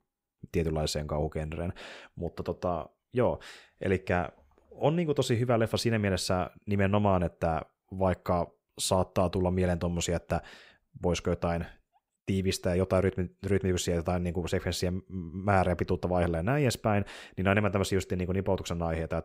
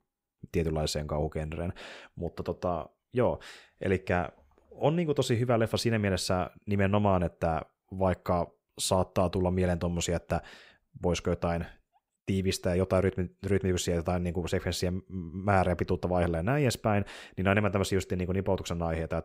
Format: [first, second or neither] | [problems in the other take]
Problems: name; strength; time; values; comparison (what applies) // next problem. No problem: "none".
neither | none